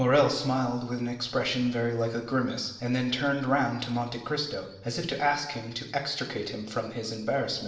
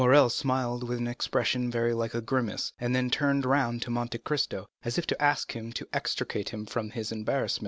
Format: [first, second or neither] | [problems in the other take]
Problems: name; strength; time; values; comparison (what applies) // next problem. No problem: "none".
second | room echo; dies away in 0.8 s